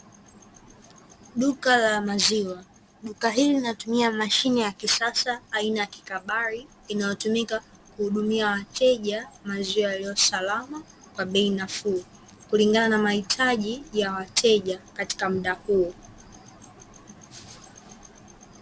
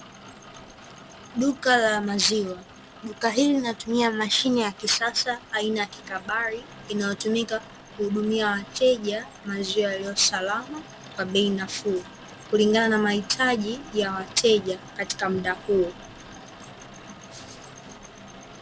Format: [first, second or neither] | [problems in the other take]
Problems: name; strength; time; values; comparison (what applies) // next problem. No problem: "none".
first | background sound (Rain); 19 dB below the speech